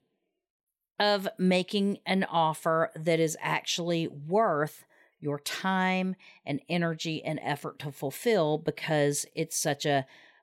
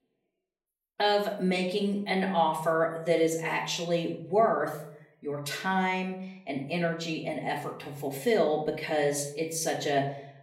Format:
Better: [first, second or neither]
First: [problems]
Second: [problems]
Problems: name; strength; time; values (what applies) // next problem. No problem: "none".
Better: first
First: none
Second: room echo; slight; dies away in 0.5 s // off-mic speech; far